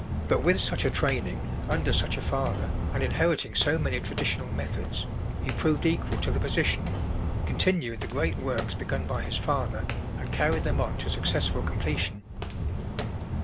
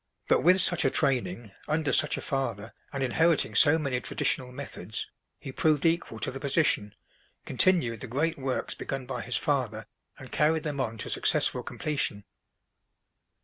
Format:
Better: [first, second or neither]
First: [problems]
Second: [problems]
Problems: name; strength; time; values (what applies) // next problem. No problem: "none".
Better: second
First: background sound (Walk, footsteps); 1 dB above the speech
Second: none